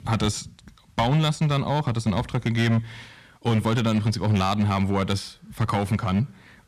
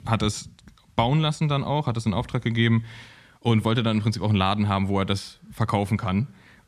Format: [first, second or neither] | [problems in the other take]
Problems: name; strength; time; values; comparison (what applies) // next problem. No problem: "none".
second | distortion; slight; 6% of the sound clipped